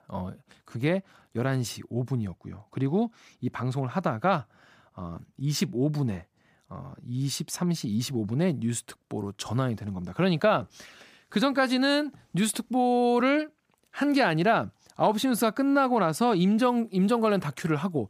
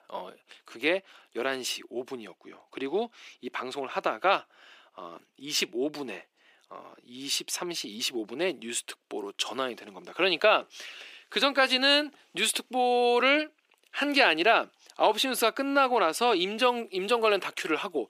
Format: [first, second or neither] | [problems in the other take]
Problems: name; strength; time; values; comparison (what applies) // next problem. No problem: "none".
first | thin; somewhat; fading below 350 Hz